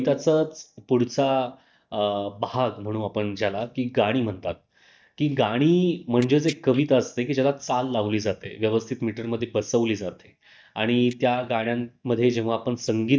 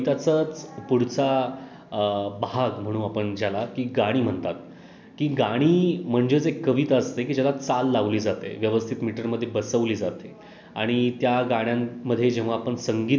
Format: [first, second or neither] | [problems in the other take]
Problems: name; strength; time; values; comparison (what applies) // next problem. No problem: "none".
second | noise reduction (neural mask model DeepFilterNet 3)